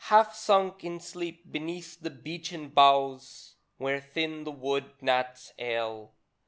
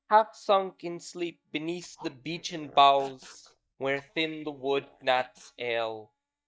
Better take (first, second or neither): first